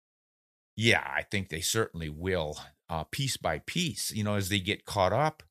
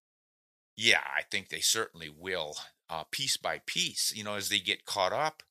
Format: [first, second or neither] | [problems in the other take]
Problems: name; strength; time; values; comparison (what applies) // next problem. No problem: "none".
first | thin; somewhat; fading below 750 Hz